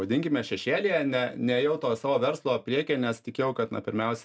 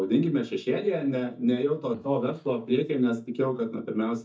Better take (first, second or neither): first